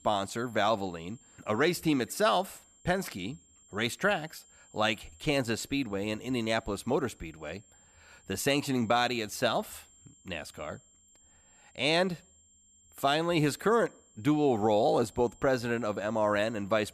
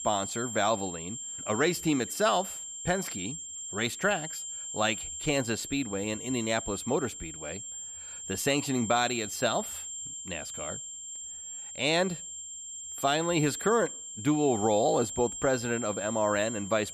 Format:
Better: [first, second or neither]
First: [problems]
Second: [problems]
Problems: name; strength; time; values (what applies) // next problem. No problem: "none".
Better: first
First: high-pitched whine; faint; throughout; 7.5 kHz, 30 dB below the speech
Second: high-pitched whine; loud; throughout; 7.5 kHz, 8 dB below the speech